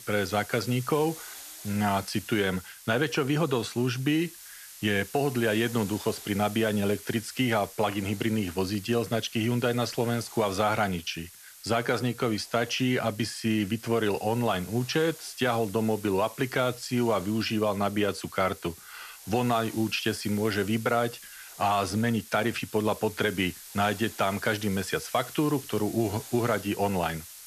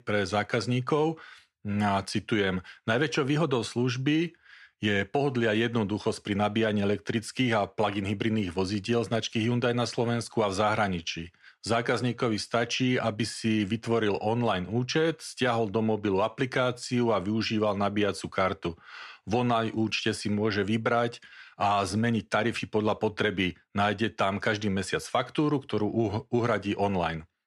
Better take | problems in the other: second | hiss; noticeable; throughout; 15 dB below the speech

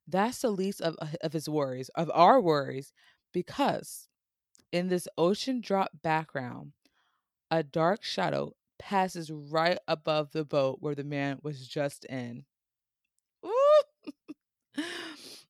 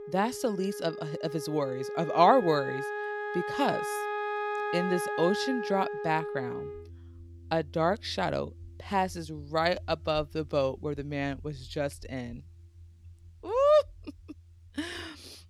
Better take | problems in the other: first | background music; loud; throughout; 6 dB below the speech

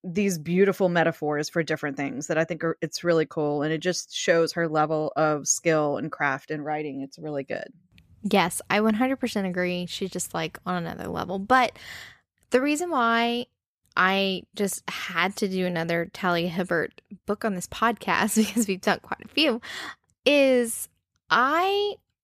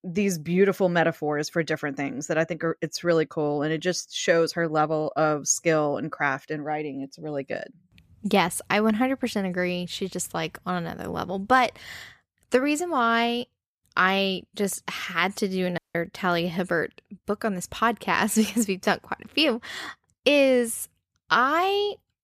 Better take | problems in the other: first | audio cutting out; at 16 s

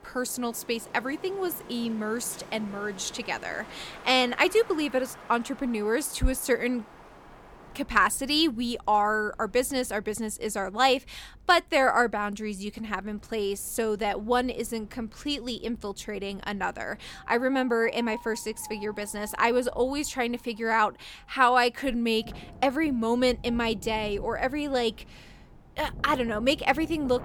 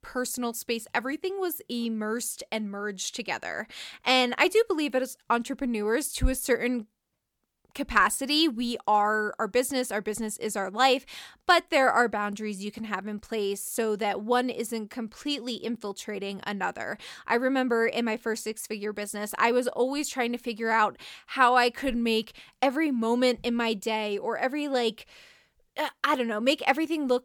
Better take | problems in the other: second | wind in the background; faint; throughout; 20 dB below the speech

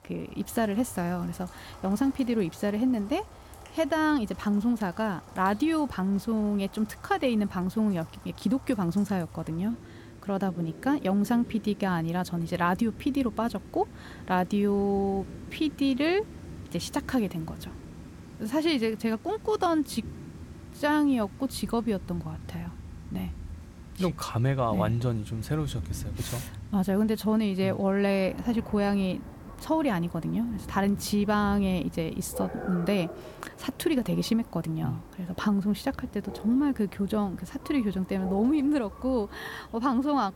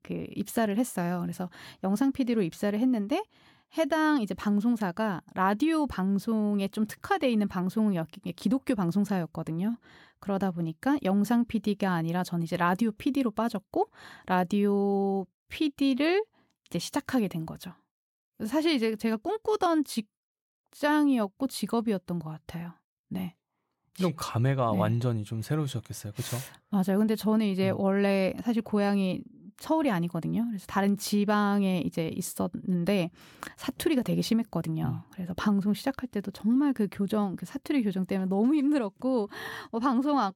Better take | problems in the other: second | rain or running water; noticeable; throughout; 15 dB below the speech

